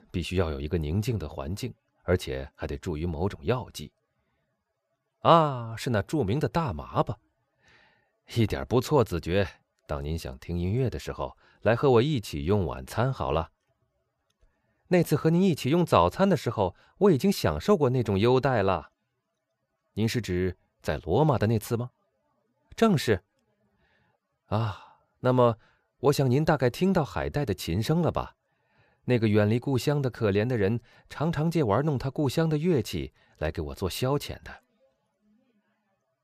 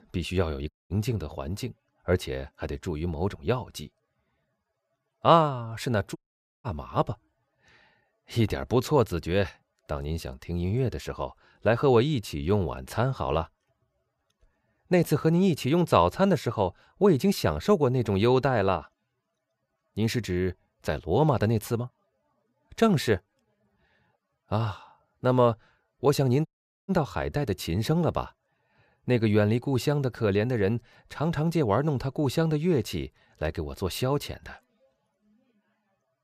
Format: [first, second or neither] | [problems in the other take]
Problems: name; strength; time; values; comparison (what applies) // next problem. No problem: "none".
first | audio cutting out; at 0.5 s, at 6 s and at 26 s